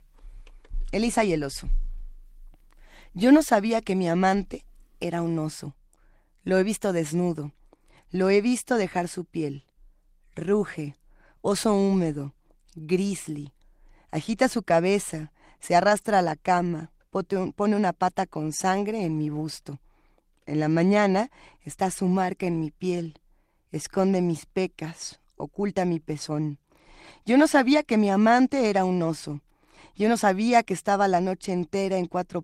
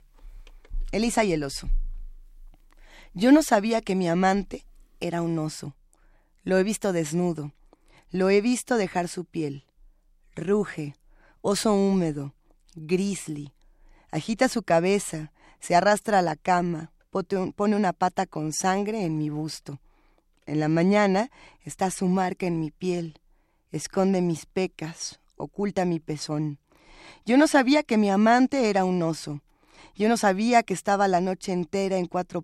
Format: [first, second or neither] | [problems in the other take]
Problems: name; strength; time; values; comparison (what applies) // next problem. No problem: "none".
second | garbled, watery; slightly; nothing above 16 kHz